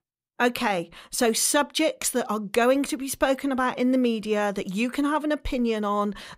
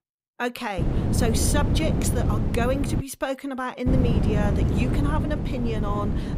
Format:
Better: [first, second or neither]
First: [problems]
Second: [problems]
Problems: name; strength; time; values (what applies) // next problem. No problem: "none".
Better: first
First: none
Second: wind noise on the microphone; heavy; from 1 to 3 s and from 4 s on; 4 dB below the speech